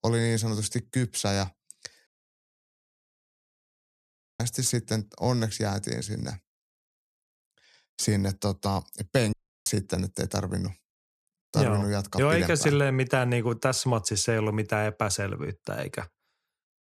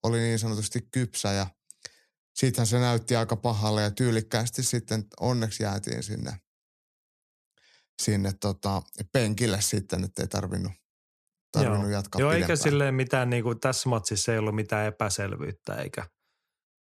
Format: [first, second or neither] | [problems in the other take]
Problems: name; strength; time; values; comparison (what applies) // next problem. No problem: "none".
second | audio cutting out; at 2 s for 2.5 s and at 9.5 s